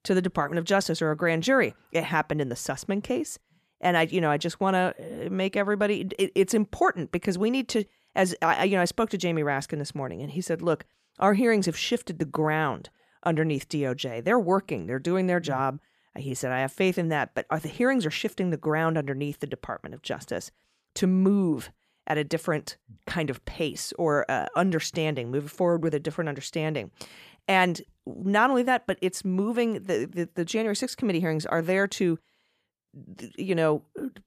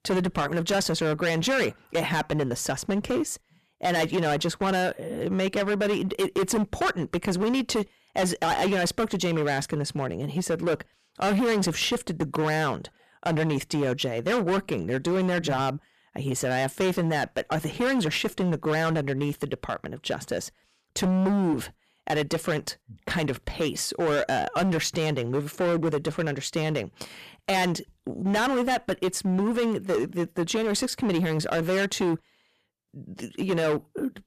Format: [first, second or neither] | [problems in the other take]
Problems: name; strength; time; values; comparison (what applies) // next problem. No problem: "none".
first | distortion; heavy; 16% of the sound clipped